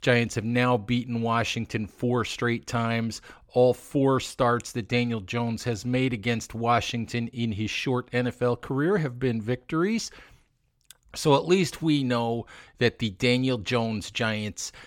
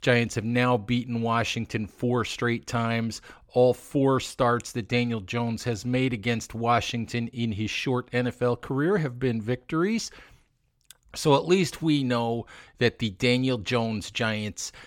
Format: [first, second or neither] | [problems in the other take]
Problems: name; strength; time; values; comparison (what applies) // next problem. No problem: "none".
neither | none